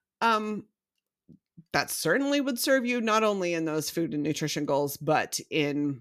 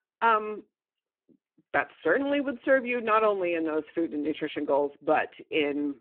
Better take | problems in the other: first | phone-call audio; poor line

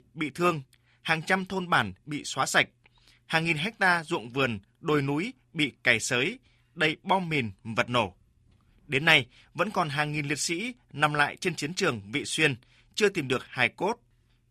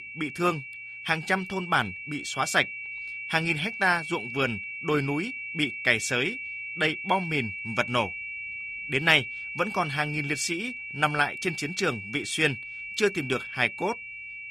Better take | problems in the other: first | high-pitched whine; loud; throughout; 2.5 kHz, 8 dB below the speech

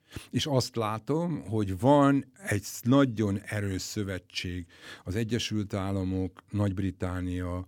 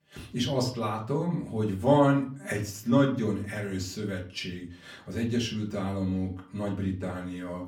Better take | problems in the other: first | off-mic speech; far // room echo; very slight; dies away in 0.4 s

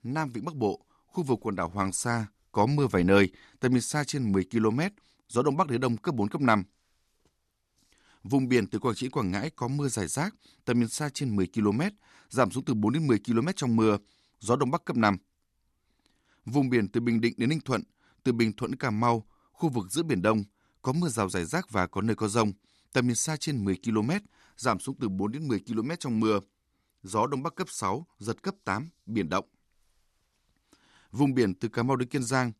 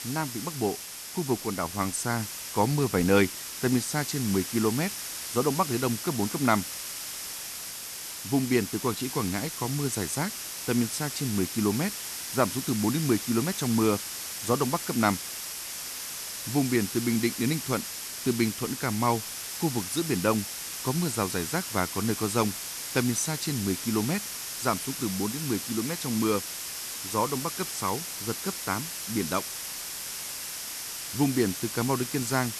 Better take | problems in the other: first | hiss; loud; throughout; 5 dB below the speech

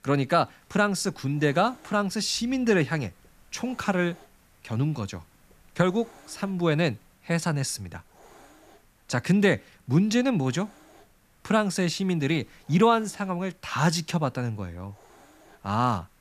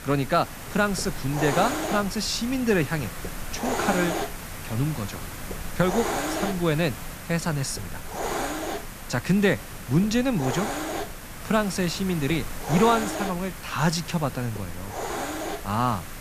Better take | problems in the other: first | hiss; loud; throughout; 6 dB below the speech; faint in the first

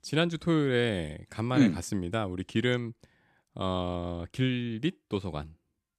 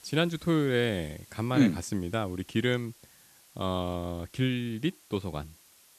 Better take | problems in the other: first | hiss; faint; throughout; 25 dB below the speech

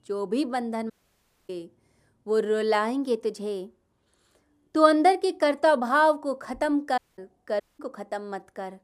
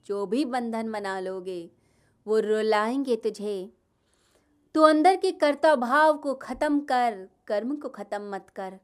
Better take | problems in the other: second | audio cutting out; at 1 s for 0.5 s, at 7 s and at 7.5 s

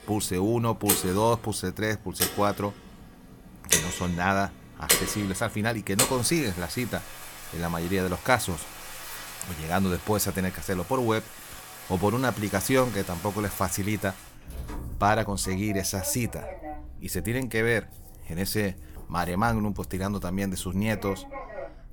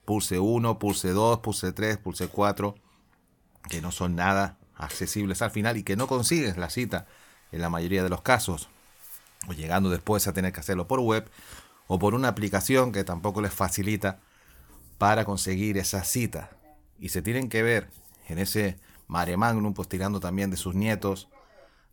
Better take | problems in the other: second | household noises; loud; throughout; 5 dB below the speech; faint in the second

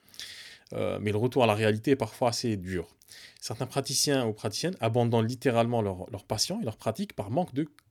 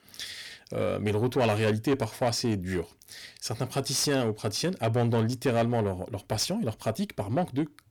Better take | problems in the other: first | distortion; slight; 10 dB below the speech

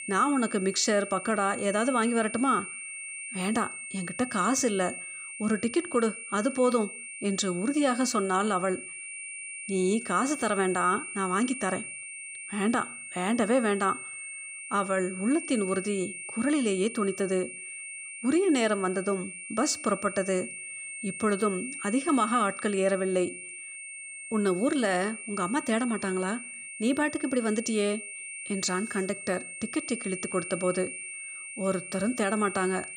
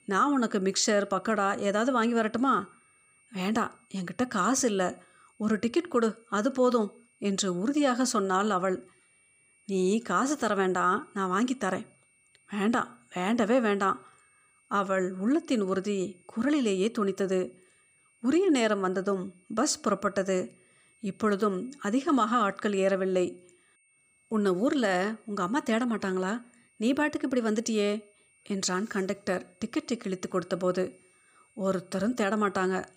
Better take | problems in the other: second | high-pitched whine; loud; throughout; 2.5 kHz, 9 dB below the speech; faint in the second

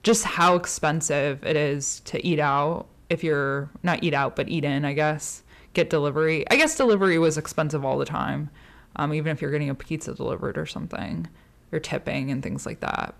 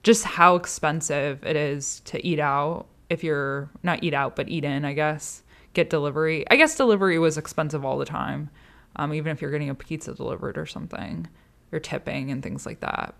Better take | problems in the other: second | distortion; slight; 10 dB below the speech

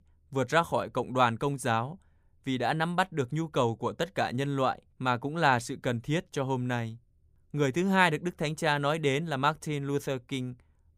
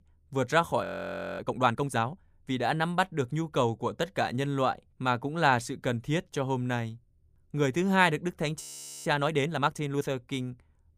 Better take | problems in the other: first | audio freezing; at 1 s for 0.5 s and at 8.5 s

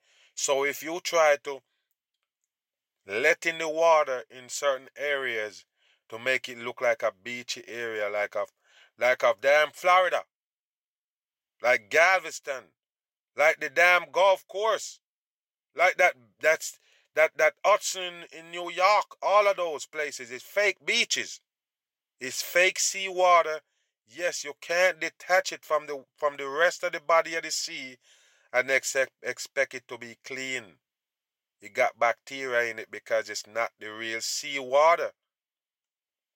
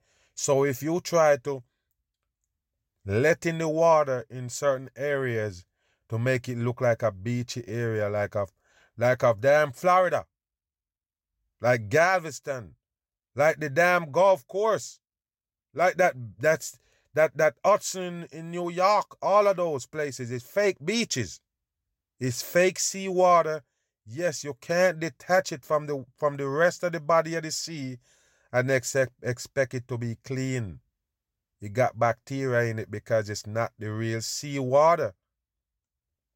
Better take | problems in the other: second | thin; very; fading below 550 Hz

